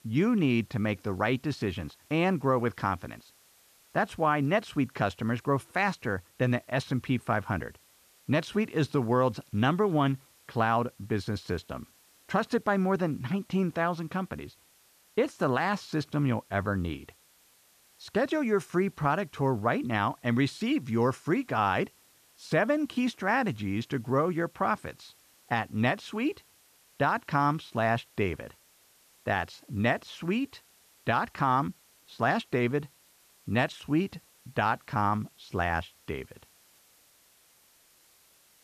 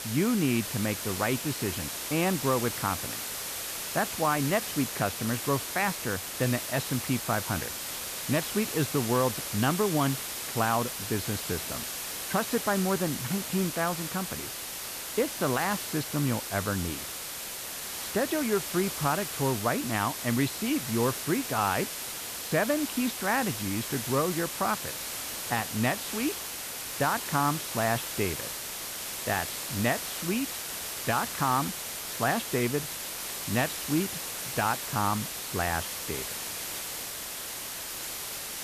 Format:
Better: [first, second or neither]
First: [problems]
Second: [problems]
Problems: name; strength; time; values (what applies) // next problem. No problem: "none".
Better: first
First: hiss; faint; throughout; 30 dB below the speech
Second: hiss; loud; throughout; 3 dB below the speech